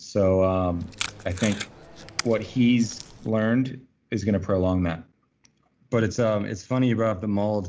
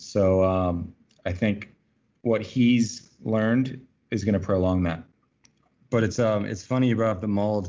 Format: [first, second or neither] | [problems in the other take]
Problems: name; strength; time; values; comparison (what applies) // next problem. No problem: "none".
second | background sound (Packing tape, duct tape); 13 dB below the speech